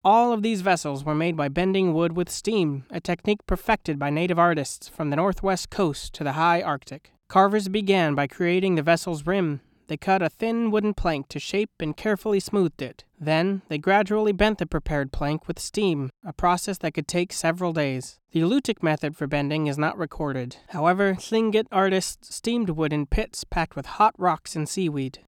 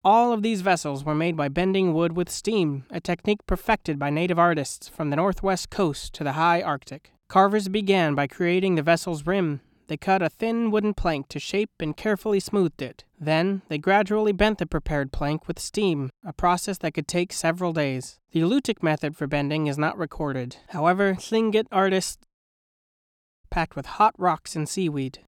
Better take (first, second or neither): first